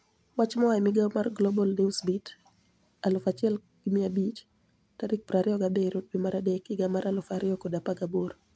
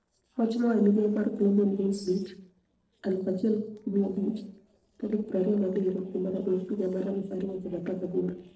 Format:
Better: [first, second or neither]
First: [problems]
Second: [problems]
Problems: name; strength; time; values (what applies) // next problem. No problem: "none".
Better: first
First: none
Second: noise reduction (neural separator model SepFormer DNS4)